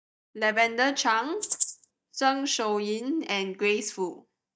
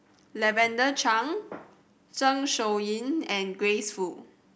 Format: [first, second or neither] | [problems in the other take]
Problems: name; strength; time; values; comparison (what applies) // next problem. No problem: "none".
second | noise reduction (neural mask model DeepFilterNet 3)